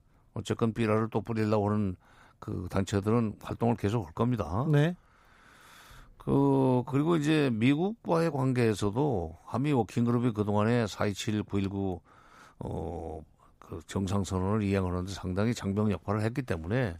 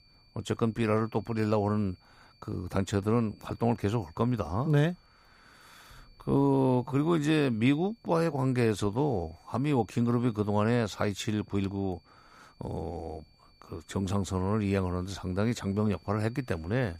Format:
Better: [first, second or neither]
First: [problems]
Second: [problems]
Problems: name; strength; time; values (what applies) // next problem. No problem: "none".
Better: first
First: none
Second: high-pitched whine; faint; throughout; 4.5 kHz, 35 dB below the speech